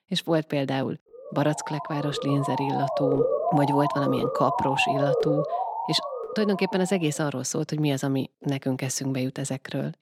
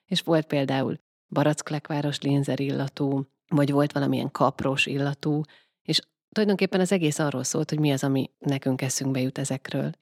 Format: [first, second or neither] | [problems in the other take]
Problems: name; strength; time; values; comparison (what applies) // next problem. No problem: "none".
second | siren; loud; from 1.5 to 7 s; peak 3 dB above the speech